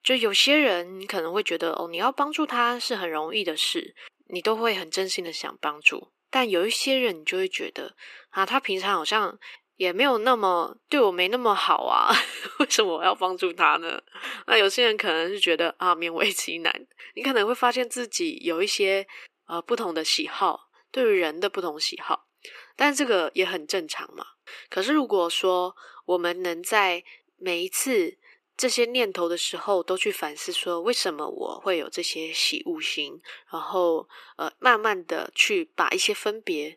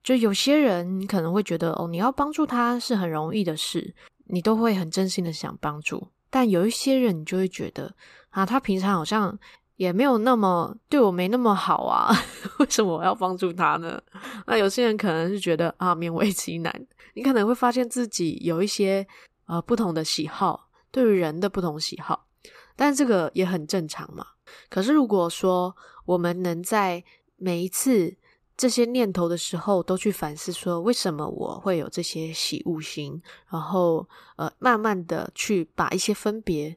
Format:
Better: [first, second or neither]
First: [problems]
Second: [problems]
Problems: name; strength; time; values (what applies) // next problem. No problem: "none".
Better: second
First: thin; somewhat; fading below 350 Hz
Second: none